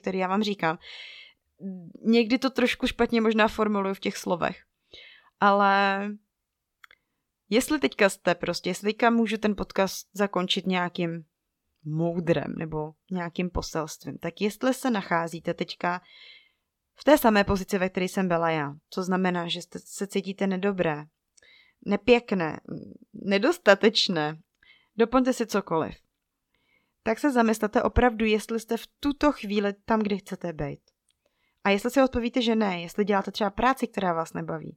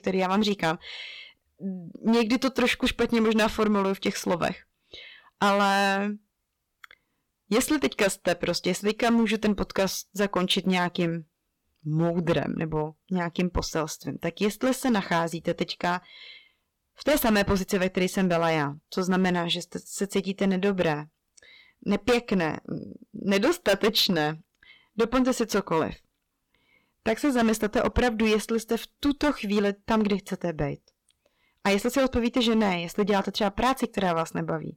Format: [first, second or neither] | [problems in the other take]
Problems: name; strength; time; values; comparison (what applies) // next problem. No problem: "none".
first | distortion; heavy; 7% of the sound clipped